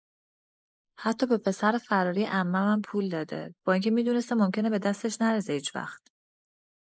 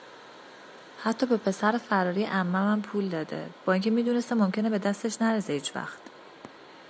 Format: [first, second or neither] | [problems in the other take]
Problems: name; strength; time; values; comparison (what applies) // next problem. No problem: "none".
second | noise reduction (neural mask model Resemble Enhance denoiser)